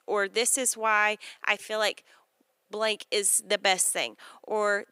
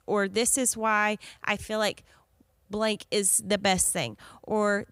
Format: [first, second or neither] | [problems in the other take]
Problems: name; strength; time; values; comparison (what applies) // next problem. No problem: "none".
second | thin; somewhat; fading below 300 Hz